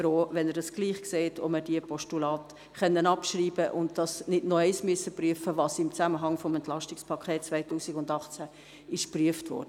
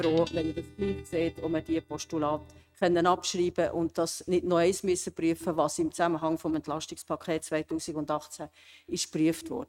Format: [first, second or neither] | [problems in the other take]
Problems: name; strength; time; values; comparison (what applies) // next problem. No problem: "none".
first | noise reduction (neural mask model RNNoise)